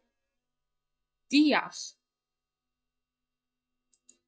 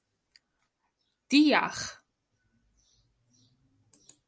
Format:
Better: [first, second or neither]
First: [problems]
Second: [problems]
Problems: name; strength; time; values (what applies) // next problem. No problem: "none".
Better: second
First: noise reduction (neural mask model DeepFilterNet 3)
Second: none